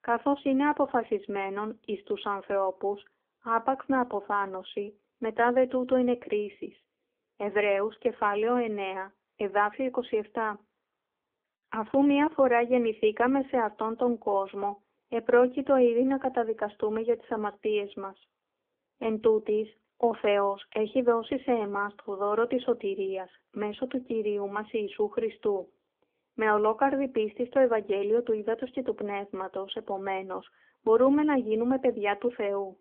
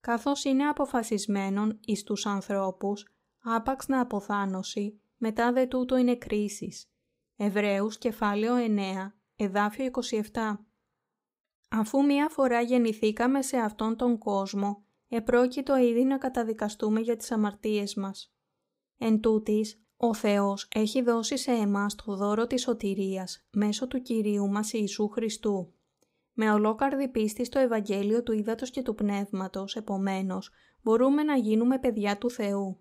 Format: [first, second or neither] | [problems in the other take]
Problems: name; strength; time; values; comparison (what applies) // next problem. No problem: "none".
second | phone-call audio; poor line; nothing above 3.5 kHz